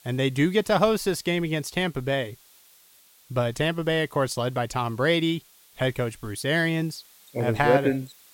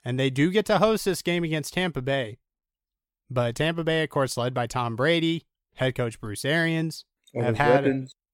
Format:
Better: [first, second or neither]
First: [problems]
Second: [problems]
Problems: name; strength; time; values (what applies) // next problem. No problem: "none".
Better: second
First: hiss; faint; throughout; 25 dB below the speech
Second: none